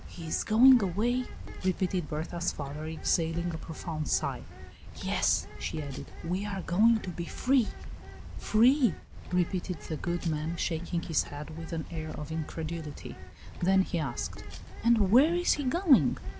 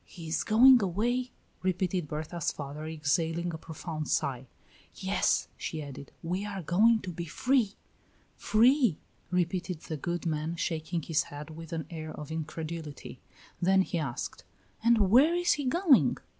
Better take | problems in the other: second | background sound (Bird); 10 dB below the speech

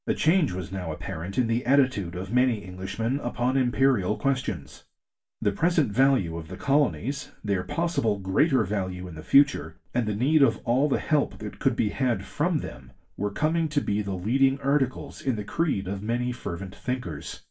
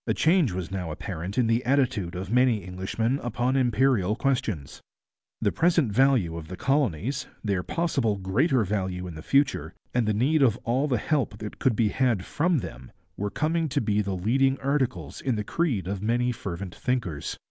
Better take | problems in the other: second | room echo; dies away in 0.2 s

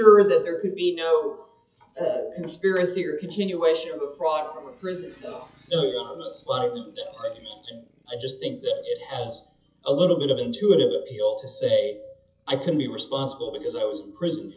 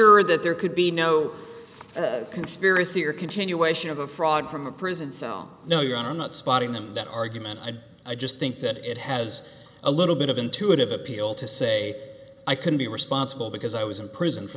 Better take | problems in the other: second | noise reduction (classical method WPE with log-MMSE)

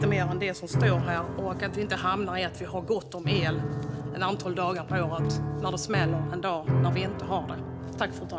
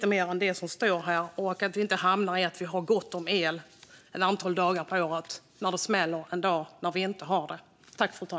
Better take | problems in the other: second | background sound (Piano); 1 dB above the speech

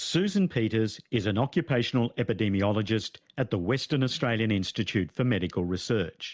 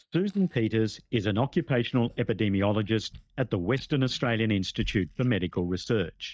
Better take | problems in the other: first | noise reduction (neural mask model DeepFilterNet 3)

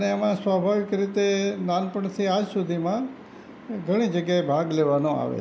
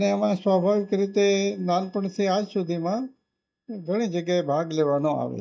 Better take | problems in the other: first | noise reduction (neural mask model DeepFilterNet 3)

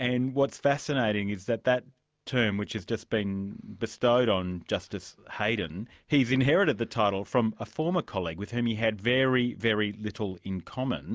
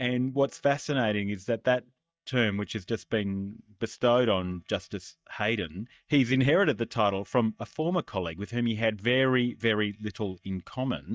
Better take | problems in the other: first | noise reduction (neural mask model DeepFilterNet 3)

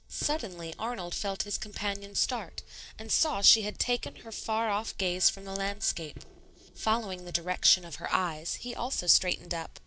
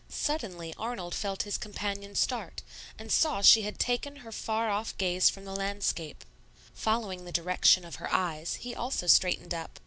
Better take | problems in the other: second | noise reduction (neural separator model SepFormer DNS4)

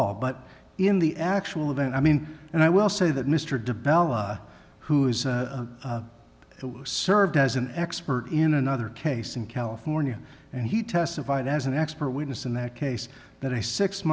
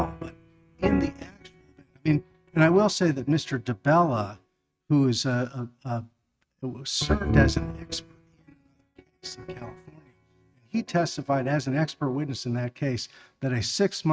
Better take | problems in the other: first | noise reduction (neural mask model RNNoise)

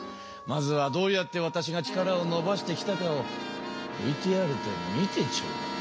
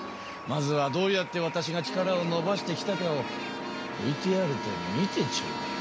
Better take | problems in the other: first | background sound (Bird); 14 dB below the speech

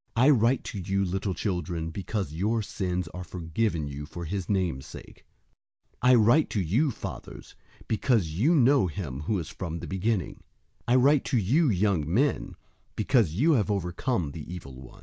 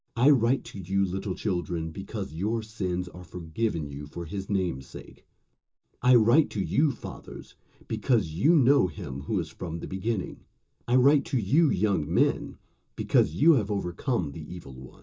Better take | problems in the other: first | room echo; dies away in 0.2 s

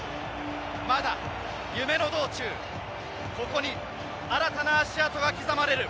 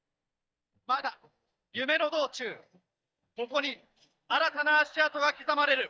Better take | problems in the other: first | noise reduction (neural mask model DeepFilterNet 3)

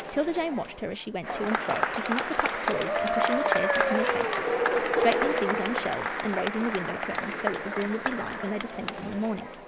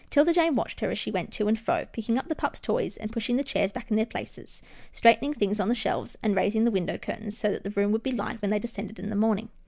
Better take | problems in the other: second | background sound (Applause / Crowd / Cheering); 3 dB above the speech

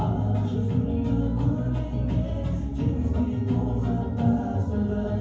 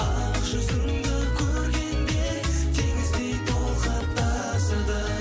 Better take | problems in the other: second | room echo; dies away in 0.9 s

